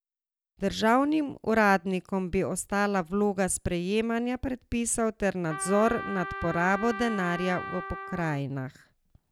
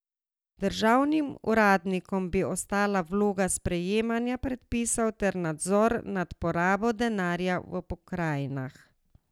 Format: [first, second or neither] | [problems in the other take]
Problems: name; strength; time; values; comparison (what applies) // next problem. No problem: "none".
second | background sound (Trumpet); 9 dB below the speech